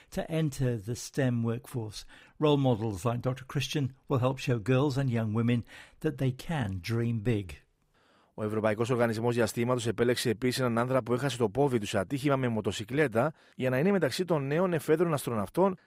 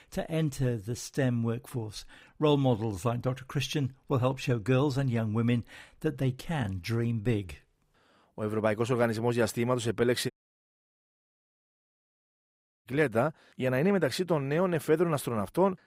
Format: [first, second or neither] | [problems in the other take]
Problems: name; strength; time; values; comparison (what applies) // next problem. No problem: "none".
first | audio cutting out; at 10 s for 2.5 s